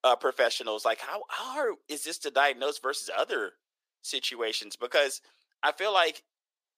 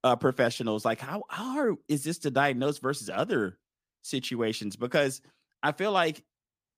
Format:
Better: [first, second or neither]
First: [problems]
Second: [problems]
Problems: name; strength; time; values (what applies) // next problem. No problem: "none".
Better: second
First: thin; very; fading below 450 Hz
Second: none